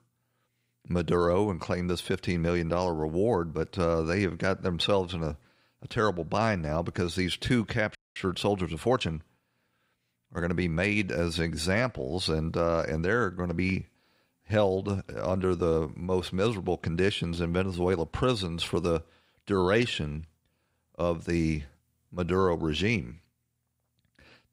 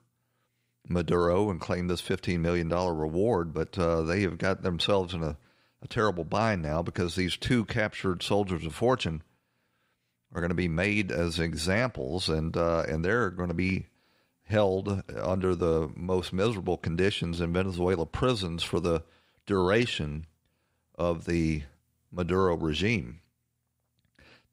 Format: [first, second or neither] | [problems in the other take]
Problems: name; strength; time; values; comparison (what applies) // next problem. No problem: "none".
second | audio freezing; at 8 s